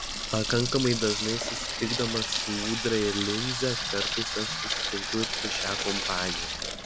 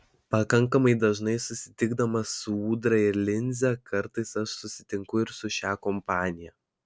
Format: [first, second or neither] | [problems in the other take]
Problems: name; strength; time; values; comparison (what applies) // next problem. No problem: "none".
second | background sound (Sink (filling or washing) / Water tap, faucet); as loud as the speech